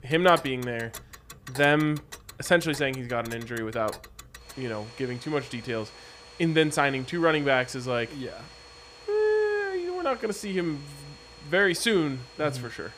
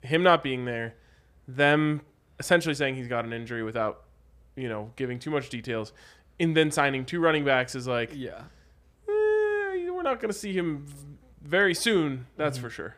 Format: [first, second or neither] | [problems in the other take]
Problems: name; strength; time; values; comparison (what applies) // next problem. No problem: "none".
second | household noises; noticeable; throughout; 20 dB below the speech